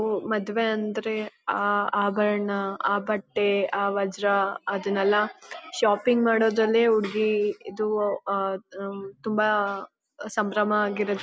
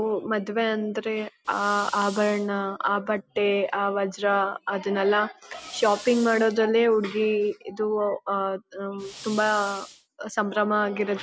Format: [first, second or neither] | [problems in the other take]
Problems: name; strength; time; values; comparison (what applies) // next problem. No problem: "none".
first | background sound (Fire); 17 dB below the speech